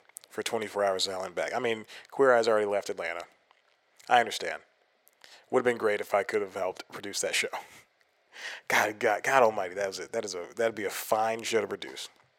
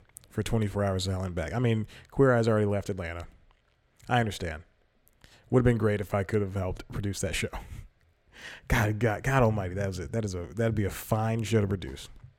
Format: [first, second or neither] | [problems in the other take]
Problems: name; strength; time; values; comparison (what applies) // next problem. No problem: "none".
second | thin; very; fading below 500 Hz